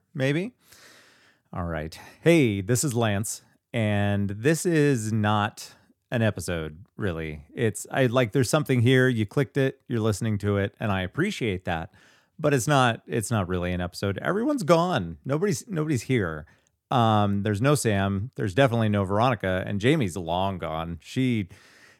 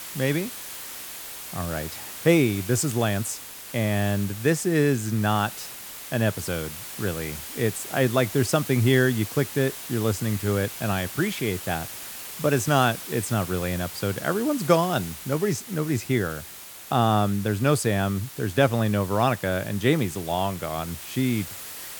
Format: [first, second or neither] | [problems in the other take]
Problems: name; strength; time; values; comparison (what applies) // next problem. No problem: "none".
first | hiss; noticeable; throughout; 10 dB below the speech